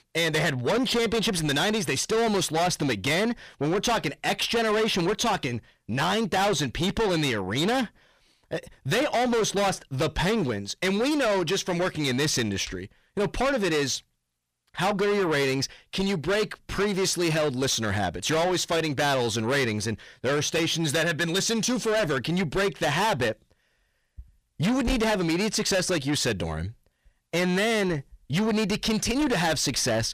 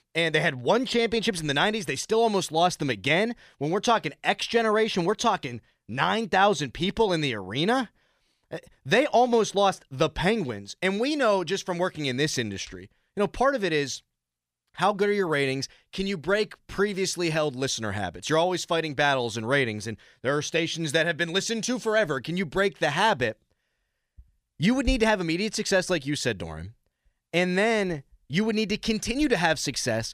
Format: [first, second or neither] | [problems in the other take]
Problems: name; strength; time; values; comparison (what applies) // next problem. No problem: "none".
second | distortion; heavy; 6 dB below the speech